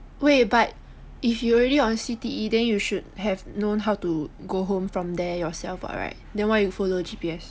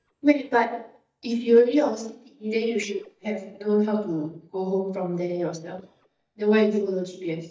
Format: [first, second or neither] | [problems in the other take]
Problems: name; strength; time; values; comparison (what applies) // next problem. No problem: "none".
first | noise reduction (neural mask model DeepFilterNet 3)